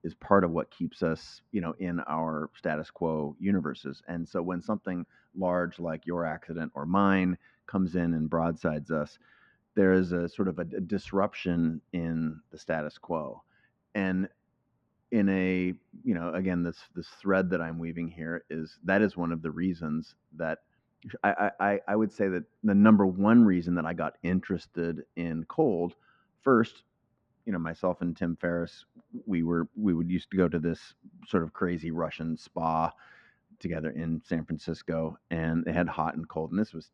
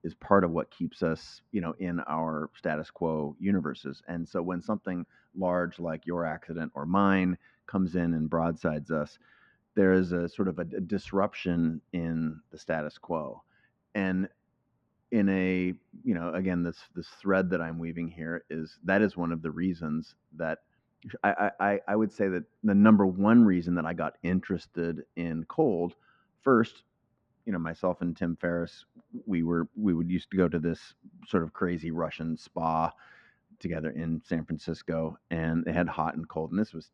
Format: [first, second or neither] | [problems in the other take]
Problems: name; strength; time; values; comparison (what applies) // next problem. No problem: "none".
neither | muffled; very; fading above 1.5 kHz; the same in both